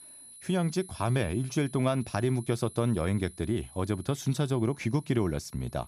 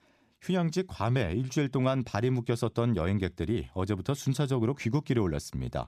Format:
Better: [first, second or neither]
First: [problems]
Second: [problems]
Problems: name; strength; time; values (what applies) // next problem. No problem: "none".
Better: second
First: high-pitched whine; noticeable; throughout; 10 kHz, 20 dB below the speech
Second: none